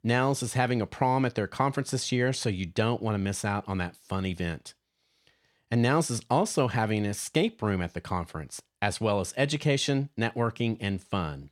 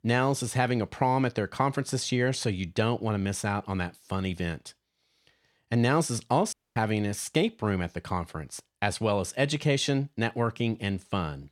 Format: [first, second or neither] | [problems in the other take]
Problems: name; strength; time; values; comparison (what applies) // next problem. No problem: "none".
first | audio cutting out; at 6.5 s